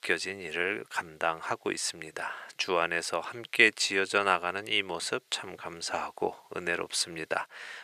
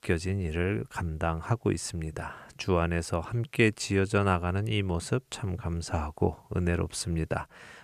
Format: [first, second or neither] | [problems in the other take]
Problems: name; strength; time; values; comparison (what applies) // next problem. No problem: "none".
second | thin; very; fading below 500 Hz